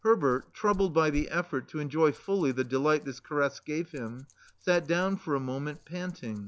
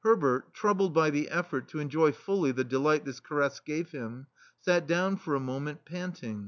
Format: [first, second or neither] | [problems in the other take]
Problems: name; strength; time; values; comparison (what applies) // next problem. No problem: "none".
second | background sound (Rattle); 19 dB below the speech